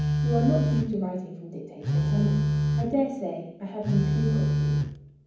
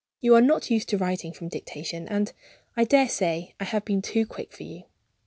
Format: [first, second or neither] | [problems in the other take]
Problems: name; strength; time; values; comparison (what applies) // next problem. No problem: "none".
second | background sound (Telephone); 4 dB above the speech // room echo; dies away in 1.2 s